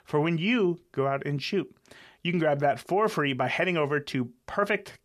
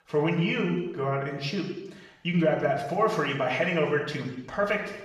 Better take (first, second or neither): first